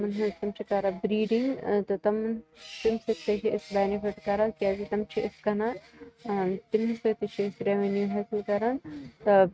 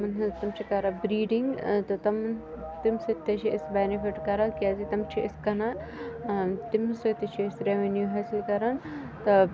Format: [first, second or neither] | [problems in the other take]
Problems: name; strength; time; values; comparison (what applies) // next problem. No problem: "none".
second | noise reduction (neural mask model RNNoise)